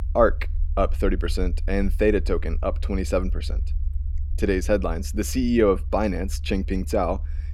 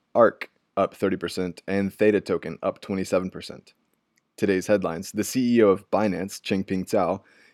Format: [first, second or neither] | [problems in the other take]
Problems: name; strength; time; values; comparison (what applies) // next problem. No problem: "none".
second | low rumble; faint; throughout; 25 dB below the speech